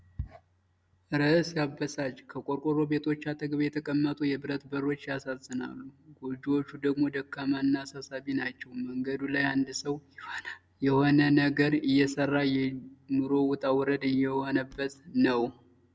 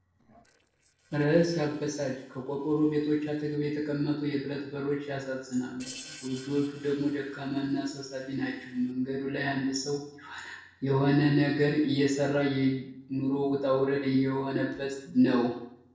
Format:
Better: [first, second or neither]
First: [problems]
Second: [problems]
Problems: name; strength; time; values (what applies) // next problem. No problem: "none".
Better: first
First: none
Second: noise reduction (neural separator model SepFormer DNS4)